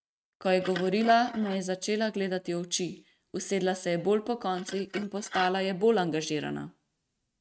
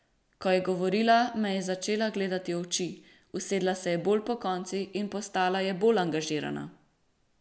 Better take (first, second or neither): second